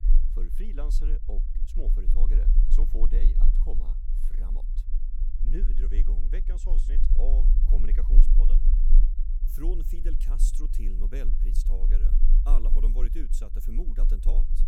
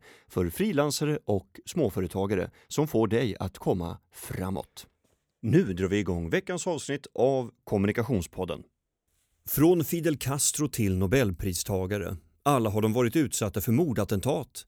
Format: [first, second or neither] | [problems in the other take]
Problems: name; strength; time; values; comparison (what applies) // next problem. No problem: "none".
second | low rumble; loud; throughout; 6 dB below the speech